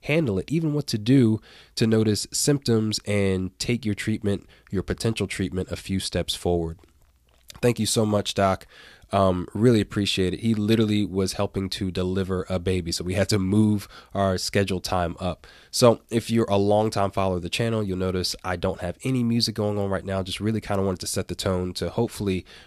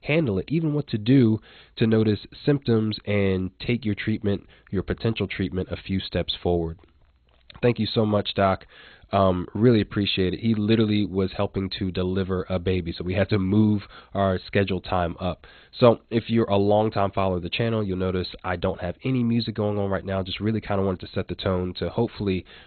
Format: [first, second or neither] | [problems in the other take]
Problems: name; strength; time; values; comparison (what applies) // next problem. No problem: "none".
first | garbled, watery; badly; nothing above 4 kHz